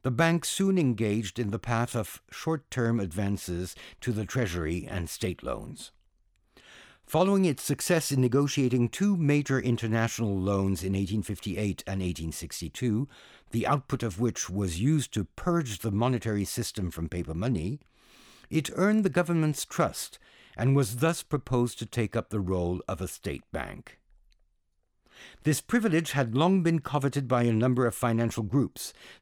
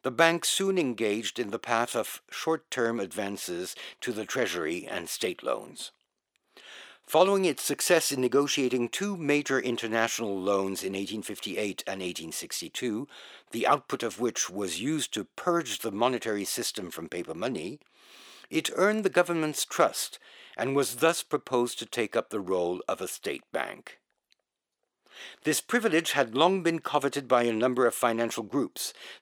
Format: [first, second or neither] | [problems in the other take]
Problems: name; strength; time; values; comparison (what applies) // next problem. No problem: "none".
first | thin; somewhat; fading below 450 Hz